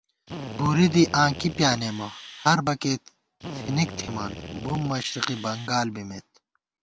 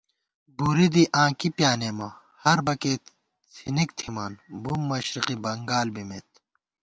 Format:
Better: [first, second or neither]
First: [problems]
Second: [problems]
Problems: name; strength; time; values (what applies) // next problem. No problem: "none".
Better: second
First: background sound (Drill); 13 dB below the speech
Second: none